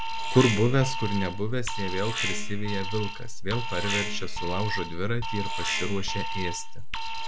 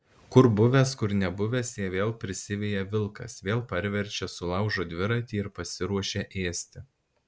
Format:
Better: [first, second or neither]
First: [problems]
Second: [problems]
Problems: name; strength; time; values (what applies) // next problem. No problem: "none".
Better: second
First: background sound (Alarm); 1 dB above the speech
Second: none